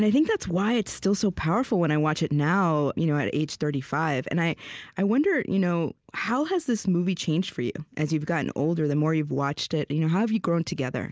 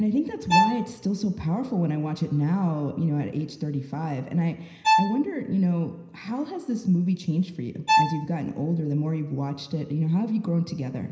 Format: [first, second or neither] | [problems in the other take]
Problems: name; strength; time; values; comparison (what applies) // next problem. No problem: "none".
first | background sound (Bowed string instrument); as loud as the speech // room echo; dies away in 0.9 s